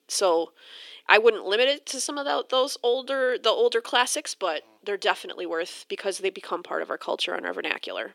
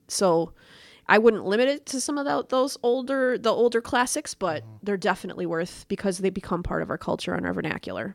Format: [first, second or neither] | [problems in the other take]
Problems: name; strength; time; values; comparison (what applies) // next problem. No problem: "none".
second | thin; somewhat; fading below 350 Hz